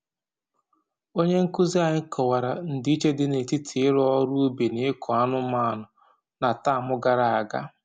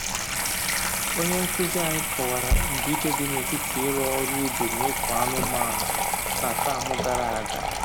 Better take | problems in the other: first | background sound (Sink (filling or washing) / Water tap, faucet); 4 dB above the speech

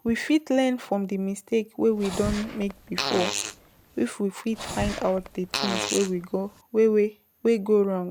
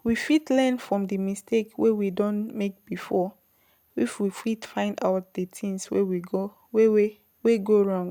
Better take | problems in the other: second | background sound (Fart); 7 dB below the speech

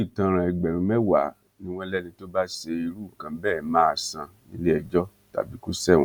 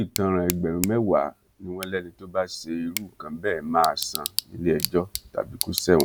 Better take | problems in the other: first | background sound (Tick / Bicycle); 10 dB below the speech

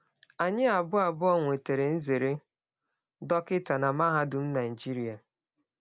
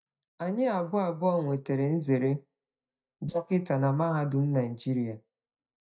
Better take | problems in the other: first | noise reduction (neural mask model DeepFilterNet 3)

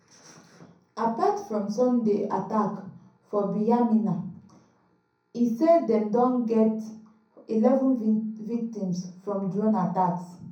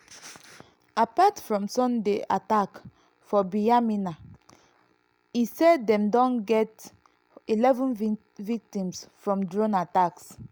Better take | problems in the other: second | room echo; dies away in 0.6 s

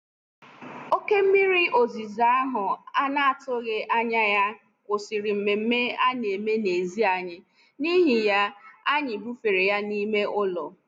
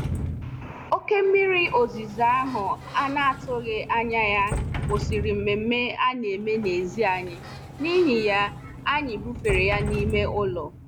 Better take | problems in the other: first | background sound (Sliding door); 8 dB below the speech

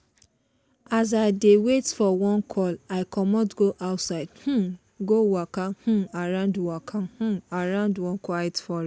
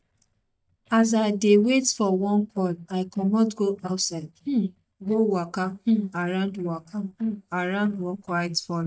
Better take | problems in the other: first | noise reduction (neural mask model DeepFilterNet 3)

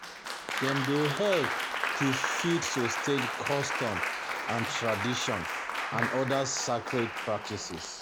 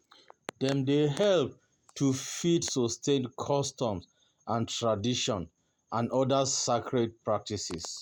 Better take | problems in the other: second | background sound (Applause); 1 dB below the speech

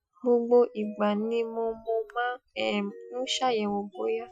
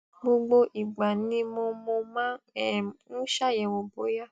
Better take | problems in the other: second | noise reduction (classical method Wiener filter)

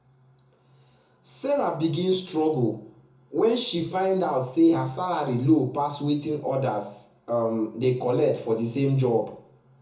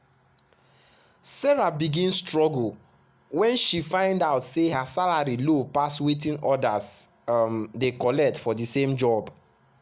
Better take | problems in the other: second | room echo; dies away in 0.6 s

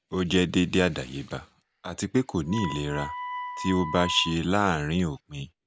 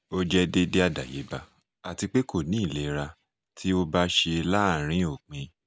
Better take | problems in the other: second | background sound (Wind instrument, woodwind instrument); 10 dB below the speech

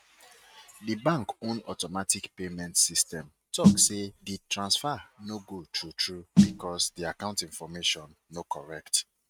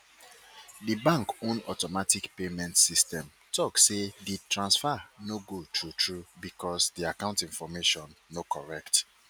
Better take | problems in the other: second | noise reduction (neural mask model RNNoise)

